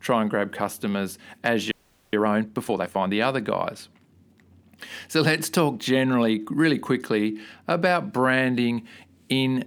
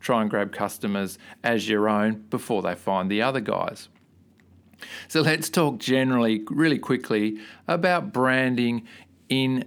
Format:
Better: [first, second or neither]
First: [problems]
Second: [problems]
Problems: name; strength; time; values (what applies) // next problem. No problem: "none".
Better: second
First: audio freezing; at 1.5 s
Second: none